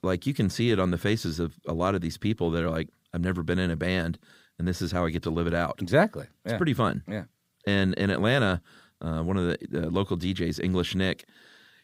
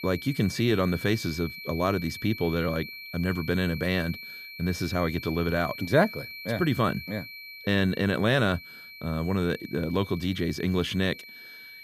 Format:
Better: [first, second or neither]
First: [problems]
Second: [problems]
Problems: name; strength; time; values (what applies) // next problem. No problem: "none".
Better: first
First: none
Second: high-pitched whine; noticeable; throughout; 2.5 kHz, 10 dB below the speech